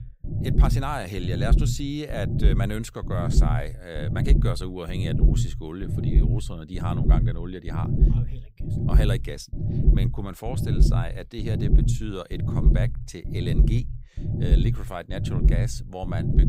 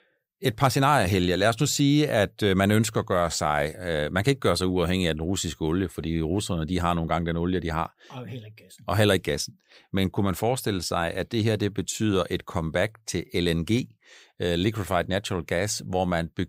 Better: second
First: low rumble; loud; throughout; 2 dB below the speech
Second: none

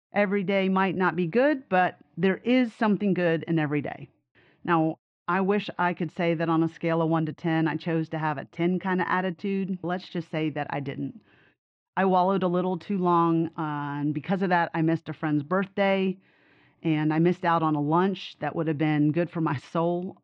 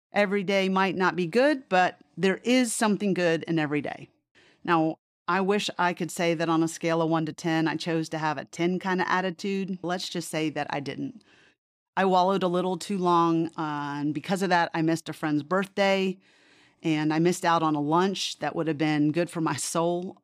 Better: second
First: muffled; very; fading above 3 kHz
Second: none

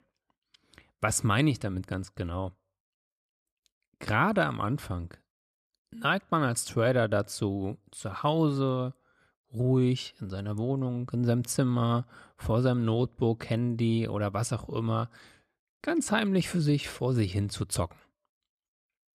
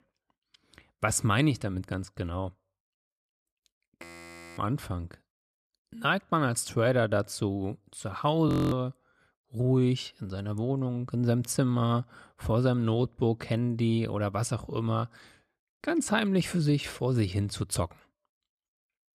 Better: first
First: none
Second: audio freezing; at 4 s for 0.5 s and at 8.5 s

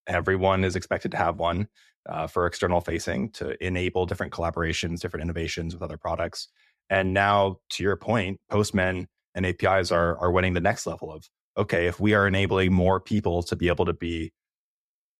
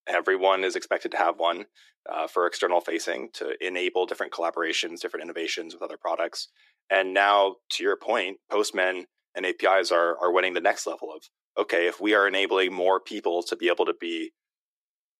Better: first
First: none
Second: thin; very; fading below 300 Hz

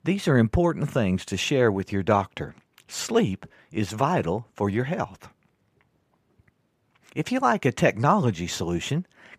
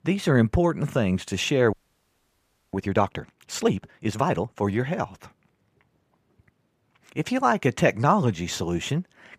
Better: first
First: none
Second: audio freezing; at 1.5 s for 1 s

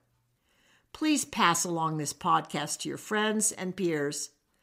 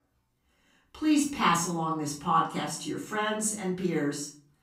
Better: first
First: none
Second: off-mic speech; far // room echo; slight; dies away in 0.4 s

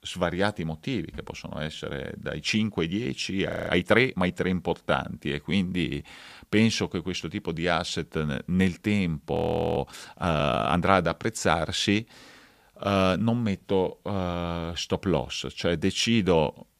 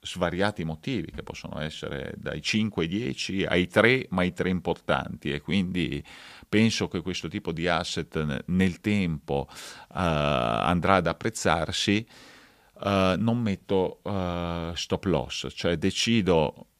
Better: second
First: audio freezing; at 3.5 s and at 9.5 s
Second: none

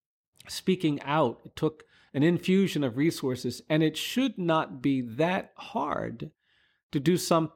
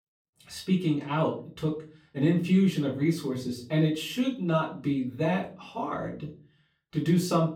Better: first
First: none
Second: off-mic speech; far // room echo; slight; dies away in 0.3 s

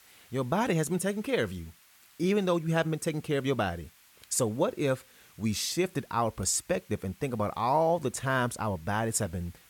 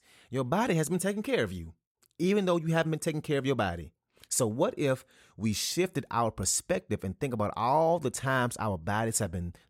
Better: second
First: hiss; faint; throughout; 25 dB below the speech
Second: none

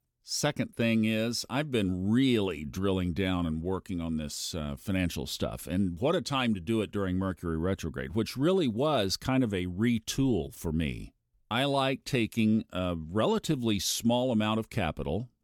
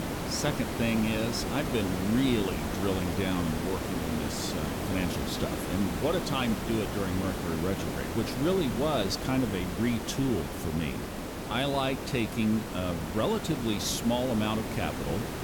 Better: first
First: none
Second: hiss; loud; throughout; 3 dB below the speech

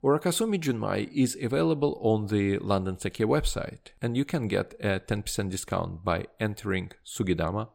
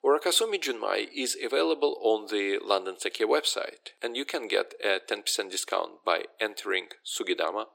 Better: first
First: none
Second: thin; very; fading below 350 Hz

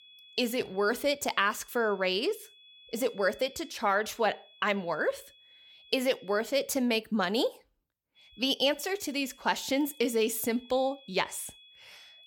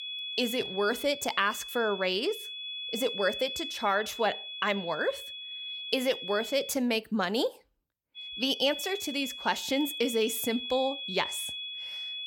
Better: first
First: high-pitched whine; faint; until 6.5 s and from 8 s on; 3.5 kHz, 25 dB below the speech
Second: high-pitched whine; loud; until 6.5 s and from 8 s on; 3.5 kHz, 7 dB below the speech

